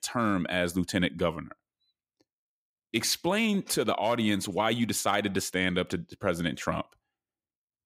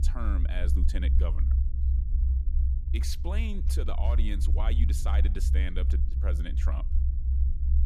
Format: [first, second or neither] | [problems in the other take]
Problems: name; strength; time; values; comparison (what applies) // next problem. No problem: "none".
first | low rumble; loud; throughout; 6 dB below the speech